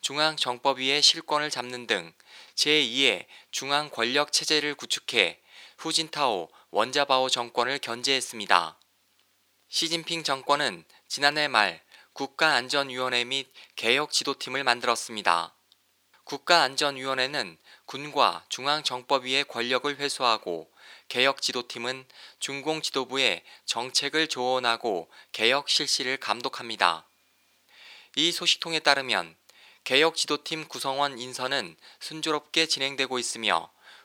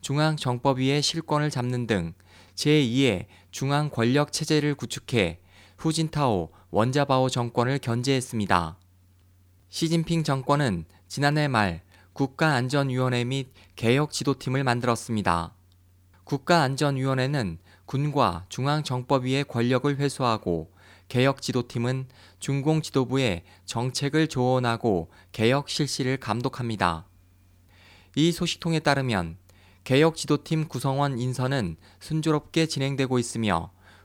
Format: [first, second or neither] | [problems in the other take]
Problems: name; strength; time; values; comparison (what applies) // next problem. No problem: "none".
second | thin; very; fading below 500 Hz